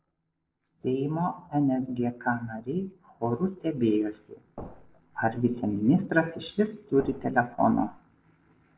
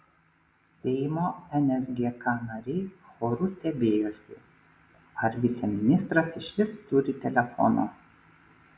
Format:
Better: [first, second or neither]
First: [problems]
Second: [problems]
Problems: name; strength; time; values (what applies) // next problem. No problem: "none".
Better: second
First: noise reduction (neural separator model SepFormer DNS4)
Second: none